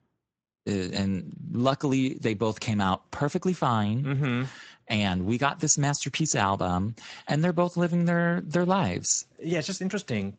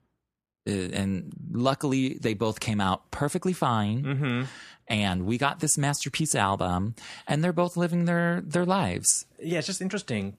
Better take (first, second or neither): second